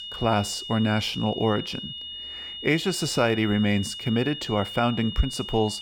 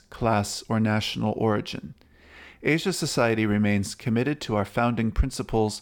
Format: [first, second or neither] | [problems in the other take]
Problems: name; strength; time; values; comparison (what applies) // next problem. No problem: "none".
second | high-pitched whine; loud; throughout; 3 kHz, 9 dB below the speech